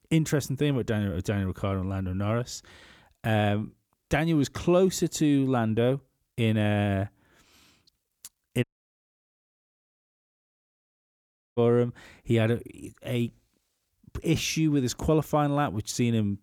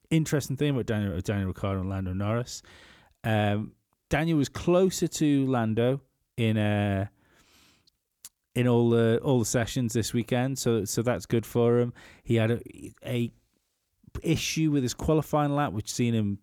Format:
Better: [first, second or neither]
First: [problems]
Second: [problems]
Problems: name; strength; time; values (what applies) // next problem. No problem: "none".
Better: second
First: audio cutting out; at 8.5 s for 3 s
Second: none